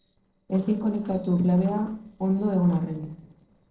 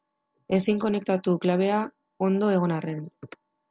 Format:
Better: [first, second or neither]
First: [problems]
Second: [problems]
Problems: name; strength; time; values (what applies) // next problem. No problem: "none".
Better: second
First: noise reduction (neural separator model SepFormer DNS4)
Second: none